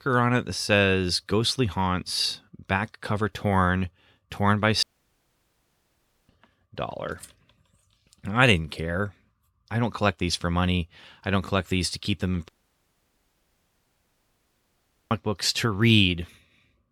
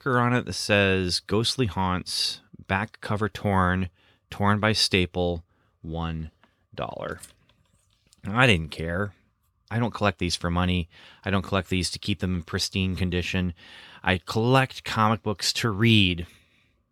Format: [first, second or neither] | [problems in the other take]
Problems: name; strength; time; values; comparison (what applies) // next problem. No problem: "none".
second | audio cutting out; at 5 s for 1.5 s and at 12 s for 2.5 s